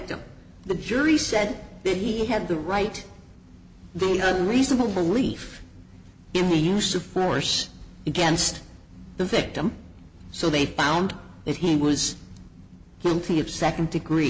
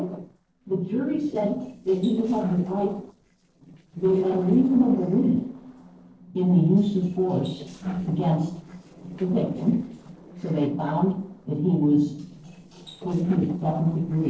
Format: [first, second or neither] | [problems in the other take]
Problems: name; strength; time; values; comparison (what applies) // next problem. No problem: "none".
first | noise reduction (neural separator model SepFormer DNS4)